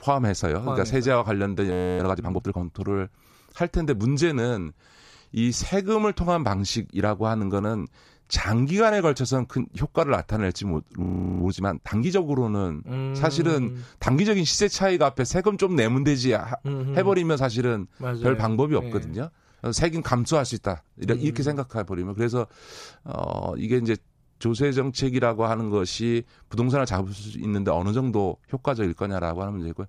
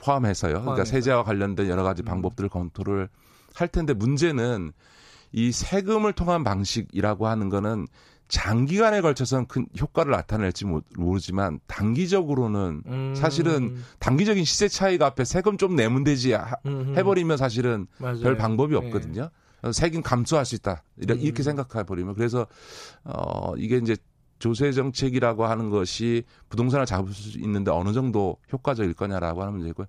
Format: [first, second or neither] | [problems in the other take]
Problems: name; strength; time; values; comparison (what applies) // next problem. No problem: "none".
second | audio freezing; at 1.5 s and at 11 s